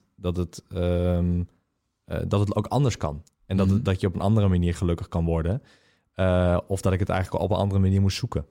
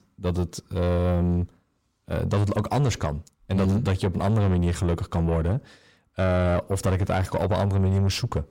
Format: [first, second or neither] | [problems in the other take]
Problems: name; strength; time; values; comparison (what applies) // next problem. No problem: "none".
first | distortion; slight; 10 dB below the speech